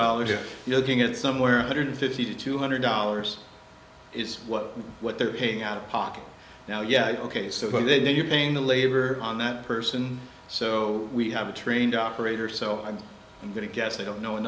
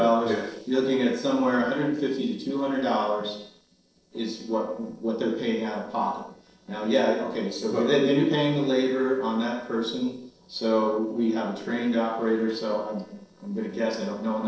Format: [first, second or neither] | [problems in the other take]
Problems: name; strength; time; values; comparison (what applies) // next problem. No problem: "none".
first | noise reduction (neural separator model SepFormer DNS4)